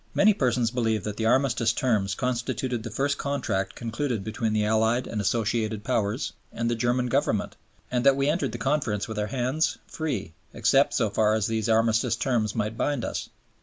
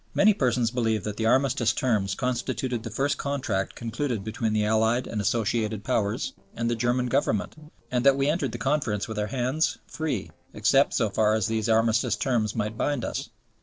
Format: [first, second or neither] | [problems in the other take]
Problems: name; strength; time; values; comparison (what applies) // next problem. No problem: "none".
first | noise reduction (neural separator model SepFormer DNS4)